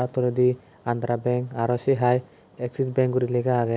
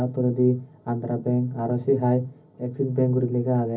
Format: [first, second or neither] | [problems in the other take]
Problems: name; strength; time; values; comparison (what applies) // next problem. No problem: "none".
first | room echo; dies away in 0.4 s